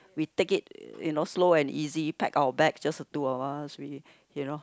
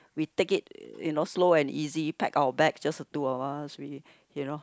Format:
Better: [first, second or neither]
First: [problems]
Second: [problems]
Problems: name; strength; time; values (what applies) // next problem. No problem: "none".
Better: first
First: none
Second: noise reduction (neural mask model Resemble Enhance denoiser)